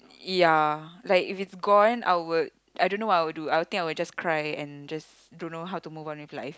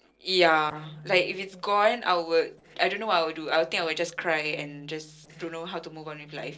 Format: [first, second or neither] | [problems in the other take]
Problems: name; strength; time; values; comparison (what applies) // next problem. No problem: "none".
first | noise reduction (neural separator model SepFormer DNS4)